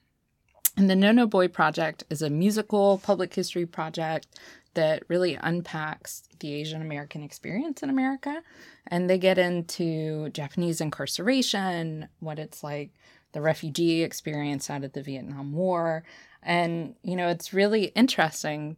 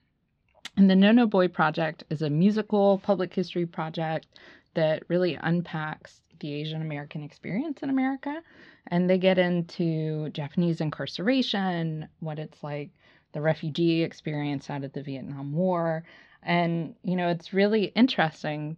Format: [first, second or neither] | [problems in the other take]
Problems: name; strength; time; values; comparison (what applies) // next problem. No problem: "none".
first | muffled; very slightly; fading above 4 kHz